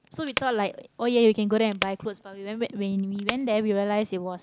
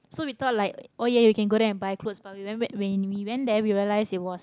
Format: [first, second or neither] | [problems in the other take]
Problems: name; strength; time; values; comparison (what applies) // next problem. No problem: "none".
second | background sound (Wood); 12 dB below the speech